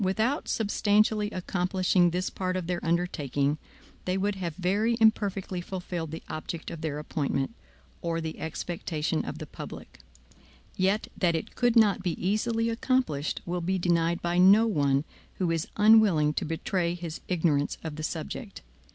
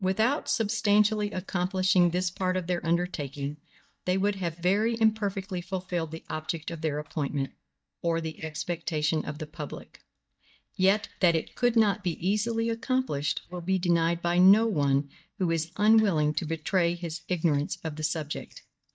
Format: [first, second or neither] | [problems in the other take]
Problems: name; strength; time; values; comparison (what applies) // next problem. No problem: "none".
first | noise reduction (neural mask model DeepFilterNet 3)